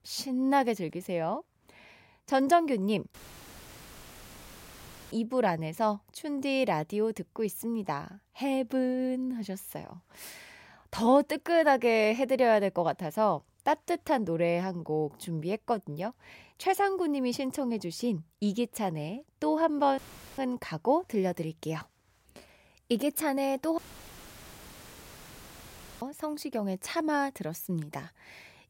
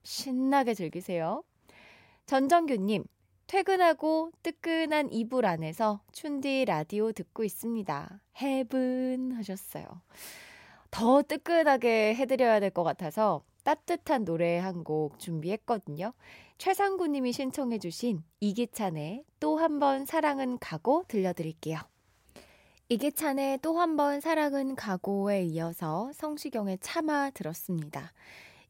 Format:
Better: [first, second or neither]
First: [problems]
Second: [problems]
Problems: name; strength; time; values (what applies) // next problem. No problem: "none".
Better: second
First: audio cutting out; filled with static; at 3 s for 2 s, at 20 s and at 24 s for 2 s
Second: none